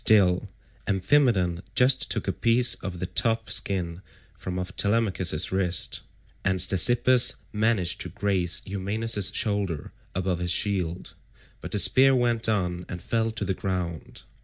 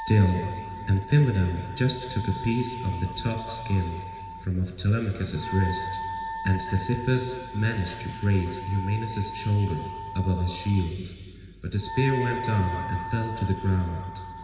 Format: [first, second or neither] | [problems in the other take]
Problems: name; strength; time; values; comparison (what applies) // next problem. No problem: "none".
first | background sound (Wind instrument, woodwind instrument); 10 dB below the speech // room echo; dies away in 2.5 s